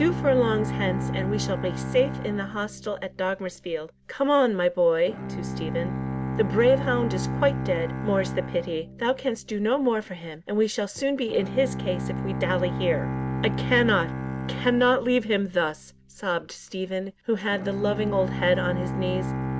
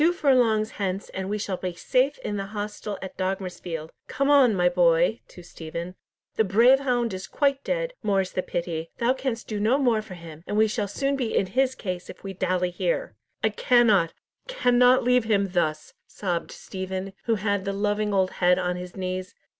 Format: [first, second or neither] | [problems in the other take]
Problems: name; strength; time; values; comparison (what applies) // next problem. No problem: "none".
second | background sound (Bowed string instrument); 6 dB below the speech